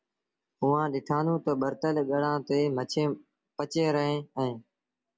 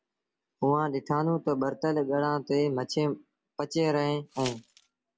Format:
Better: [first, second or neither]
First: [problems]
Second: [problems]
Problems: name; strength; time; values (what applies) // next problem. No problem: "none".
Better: first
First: none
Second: background sound (Glass); 17 dB below the speech